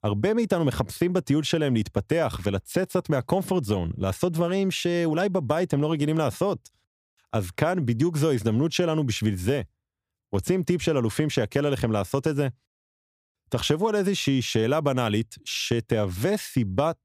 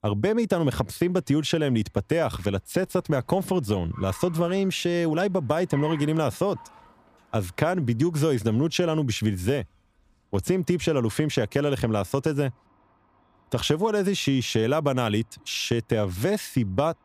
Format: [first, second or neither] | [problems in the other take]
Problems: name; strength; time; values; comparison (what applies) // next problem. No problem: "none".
first | traffic noise; faint; throughout; 25 dB below the speech